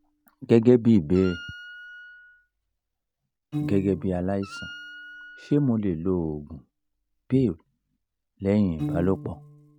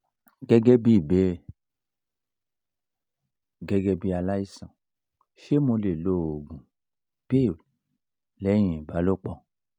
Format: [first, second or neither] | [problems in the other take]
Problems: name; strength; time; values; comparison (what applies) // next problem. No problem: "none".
second | background sound (Piano + Wind instrument, woodwind instrument); 13 dB below the speech